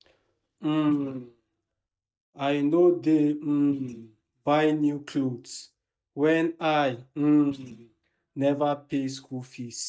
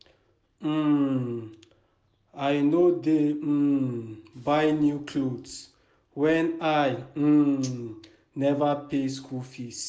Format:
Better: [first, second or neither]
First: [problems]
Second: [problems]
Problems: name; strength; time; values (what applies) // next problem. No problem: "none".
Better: second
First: noise reduction (neural mask model DeepFilterNet 3)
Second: none